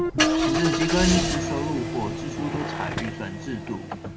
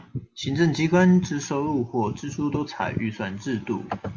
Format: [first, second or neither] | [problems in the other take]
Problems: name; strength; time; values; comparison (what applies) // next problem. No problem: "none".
second | background sound (Guitar + Engine starting / Car); 2 dB above the speech